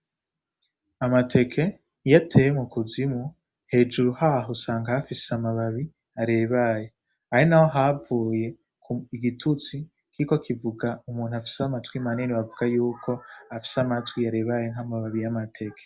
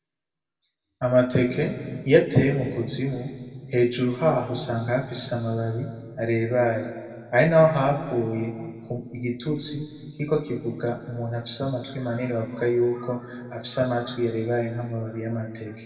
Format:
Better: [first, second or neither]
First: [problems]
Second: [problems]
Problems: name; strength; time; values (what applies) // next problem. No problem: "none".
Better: first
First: none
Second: room echo; dies away in 1.9 s